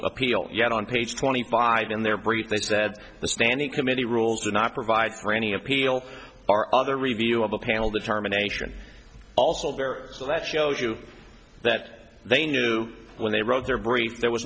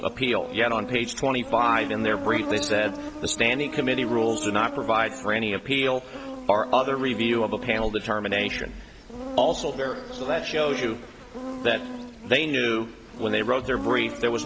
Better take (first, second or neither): first